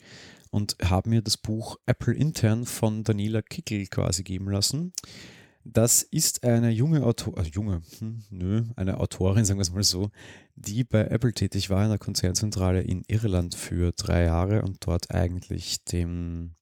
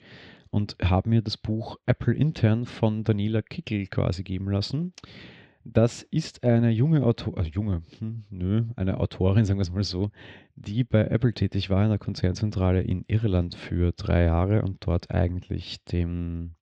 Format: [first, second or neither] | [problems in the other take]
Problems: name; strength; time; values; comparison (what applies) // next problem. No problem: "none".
first | muffled; slightly; fading above 3.5 kHz